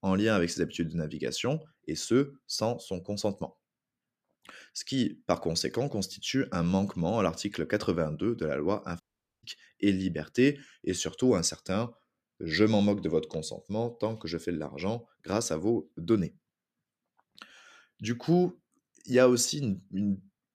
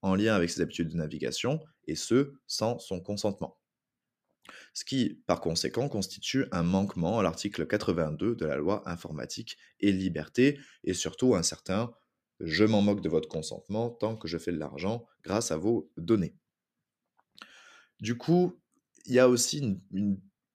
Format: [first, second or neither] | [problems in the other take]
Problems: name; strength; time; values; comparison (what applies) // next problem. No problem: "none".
second | audio cutting out; at 9 s